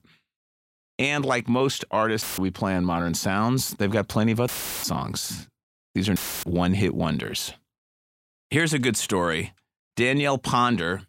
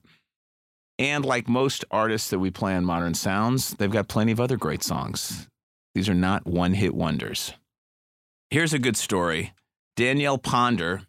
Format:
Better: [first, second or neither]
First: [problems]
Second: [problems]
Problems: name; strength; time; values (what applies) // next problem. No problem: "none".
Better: second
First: audio cutting out; filled with static; at 2 s, at 4.5 s and at 6 s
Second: none